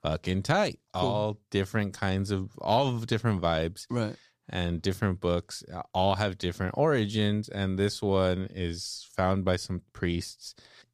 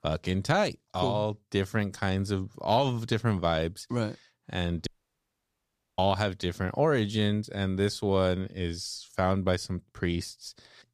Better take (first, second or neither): first